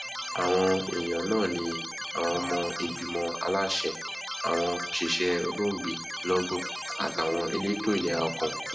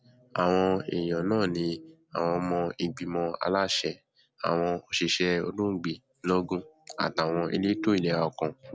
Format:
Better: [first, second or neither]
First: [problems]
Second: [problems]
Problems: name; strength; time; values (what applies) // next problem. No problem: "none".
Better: second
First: background sound (Keyboard (musical)); 7 dB below the speech // room echo; dies away in 0.6 s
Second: none